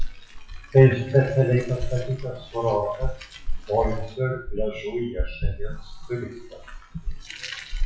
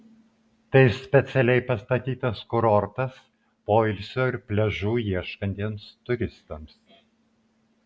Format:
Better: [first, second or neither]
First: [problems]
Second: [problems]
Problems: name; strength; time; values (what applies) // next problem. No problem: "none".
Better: second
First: noise reduction (classical method WPE with log-MMSE)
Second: none